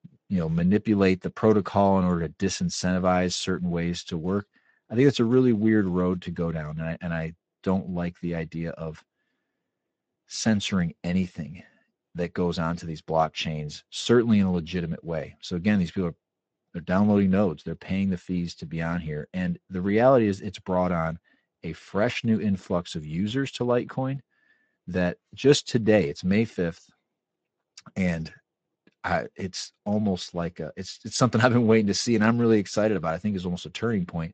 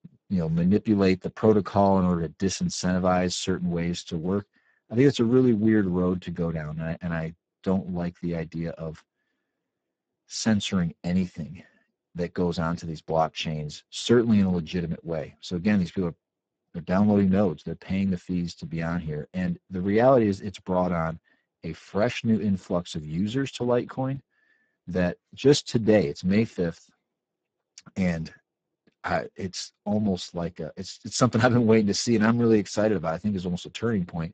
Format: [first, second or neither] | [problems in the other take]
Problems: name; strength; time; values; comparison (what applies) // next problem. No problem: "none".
first | garbled, watery; badly; nothing above 8 kHz; slightly in the first